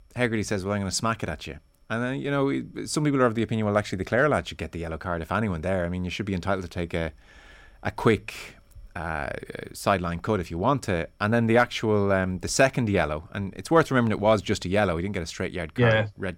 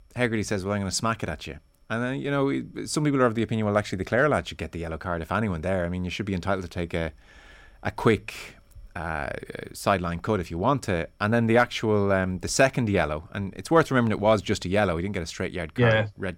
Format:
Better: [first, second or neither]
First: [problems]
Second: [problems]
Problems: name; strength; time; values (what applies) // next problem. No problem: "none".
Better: neither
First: none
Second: none